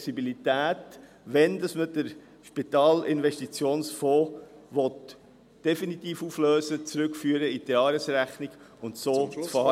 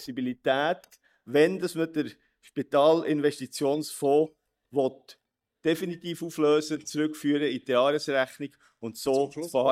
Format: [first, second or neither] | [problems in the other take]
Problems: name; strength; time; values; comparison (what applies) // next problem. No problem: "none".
first | noise reduction (neural mask model DeepFilterNet 3)